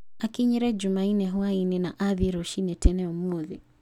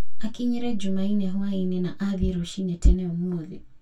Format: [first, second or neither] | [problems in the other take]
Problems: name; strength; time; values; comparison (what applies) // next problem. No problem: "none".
first | room echo; dies away in 0.1 s